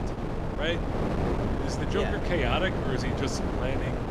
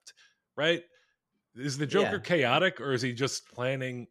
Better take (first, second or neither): second